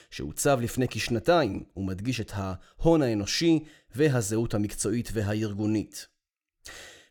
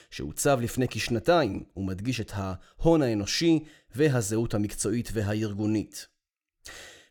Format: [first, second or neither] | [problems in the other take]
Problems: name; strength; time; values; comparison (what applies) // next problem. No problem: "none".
neither | none